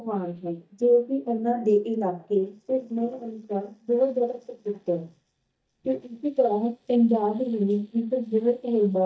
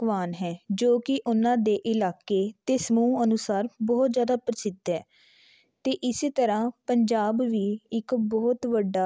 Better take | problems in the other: second | noise reduction (neural mask model DeepFilterNet 3)

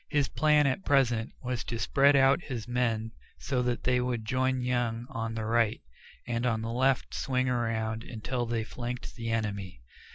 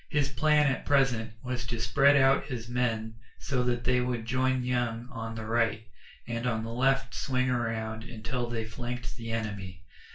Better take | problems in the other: first | room echo; dies away in 0.3 s

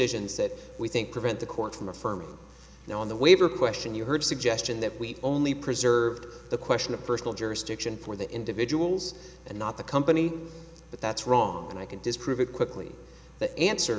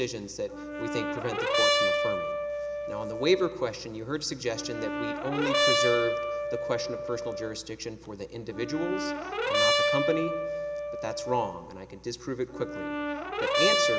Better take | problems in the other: first | background sound (Brass instrument); 3 dB above the speech

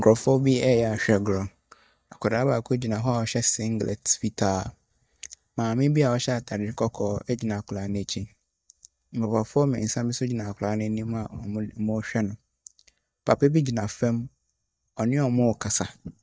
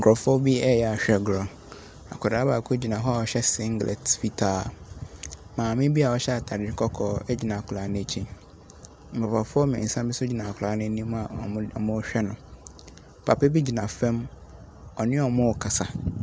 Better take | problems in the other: second | noise reduction (neural mask model DeepFilterNet 3)

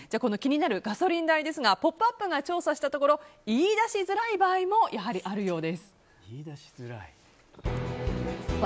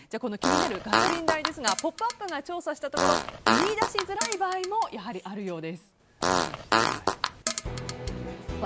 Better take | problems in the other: first | background sound (Fart); 3 dB above the speech

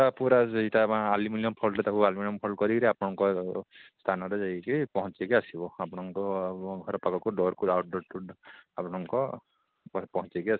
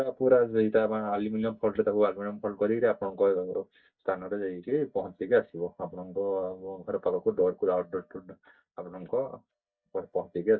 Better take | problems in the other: first | noise reduction (neural mask model DeepFilterNet 3)

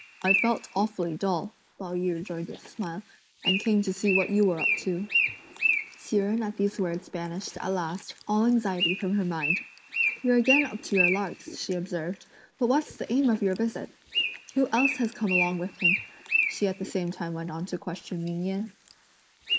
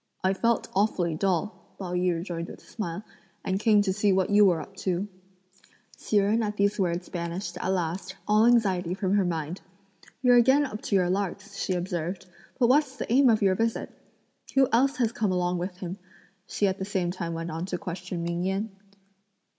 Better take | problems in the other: second | noise reduction (neural mask model Resemble Enhance denoiser)

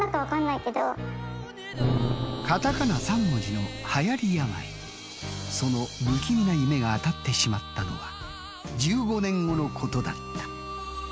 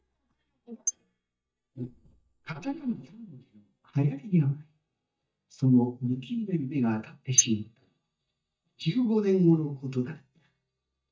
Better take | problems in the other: first | noise reduction (neural mask model DeepFilterNet 3)

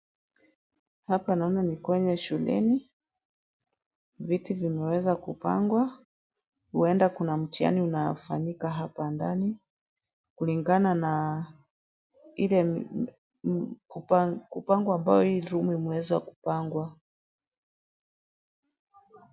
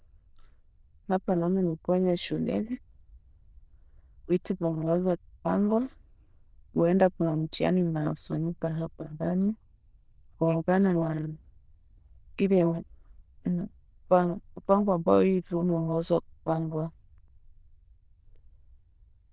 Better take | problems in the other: first | noise reduction (neural diffusion model UNIVERSE++)

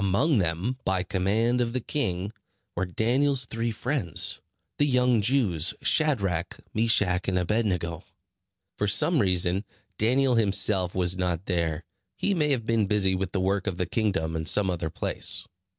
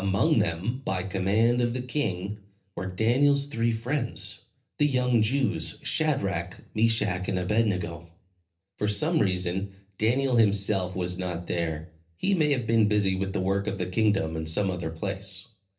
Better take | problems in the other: first | room echo; dies away in 0.3 s

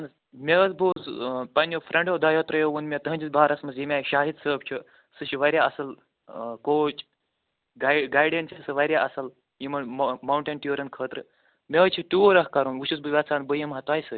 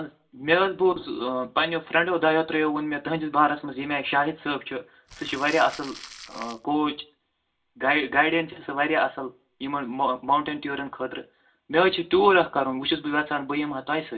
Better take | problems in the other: first | background sound (Crumpling, crinkling); 17 dB below the speech // room echo; dies away in 0.2 s

